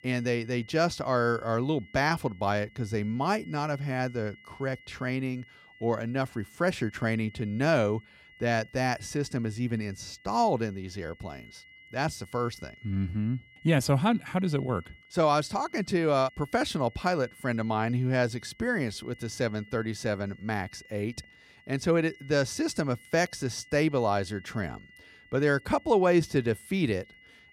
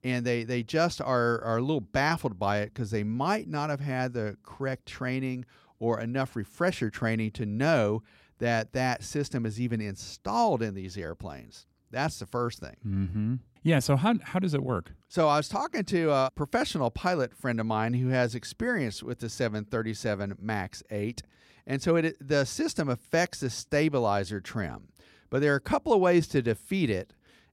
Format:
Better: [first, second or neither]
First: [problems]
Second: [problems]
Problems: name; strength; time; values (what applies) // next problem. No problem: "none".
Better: second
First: high-pitched whine; faint; throughout; 2 kHz, 25 dB below the speech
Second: none